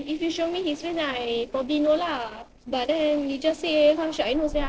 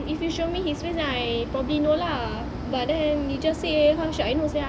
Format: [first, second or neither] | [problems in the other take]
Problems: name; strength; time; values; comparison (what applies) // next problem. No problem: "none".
second | noise reduction (neural separator model SepFormer DNS4)